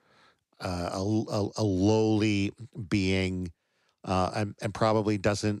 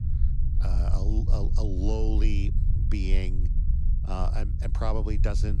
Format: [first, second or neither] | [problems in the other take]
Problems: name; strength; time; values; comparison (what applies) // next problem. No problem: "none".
first | low rumble; loud; throughout; 8 dB below the speech